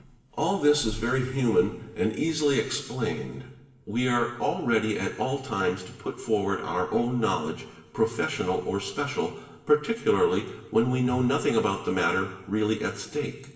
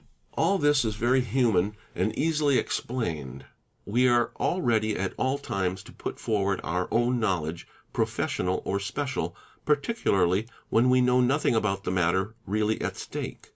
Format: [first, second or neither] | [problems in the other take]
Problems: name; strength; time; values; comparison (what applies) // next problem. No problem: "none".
second | background sound (Bowed string instrument); 17 dB below the speech // room echo; dies away in 1.1 s